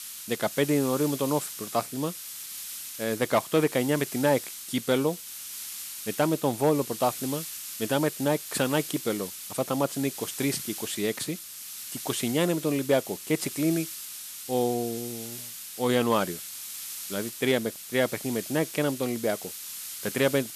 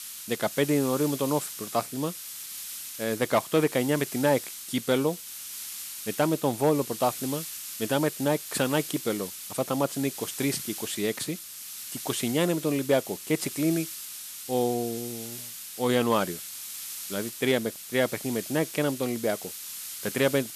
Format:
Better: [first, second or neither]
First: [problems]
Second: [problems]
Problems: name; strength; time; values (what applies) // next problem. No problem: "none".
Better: neither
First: hiss; loud; throughout; 8 dB below the speech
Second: hiss; loud; throughout; 8 dB below the speech